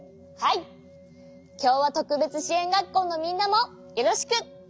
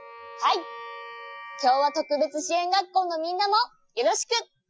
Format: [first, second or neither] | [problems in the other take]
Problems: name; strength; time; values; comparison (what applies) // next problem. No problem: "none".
first | noise reduction (classical method Wiener filter)